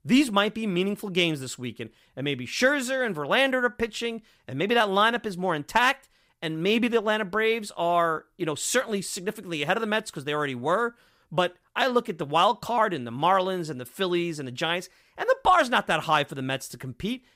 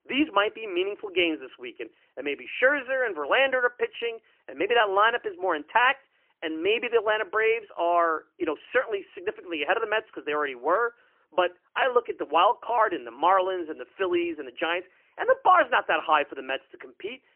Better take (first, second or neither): first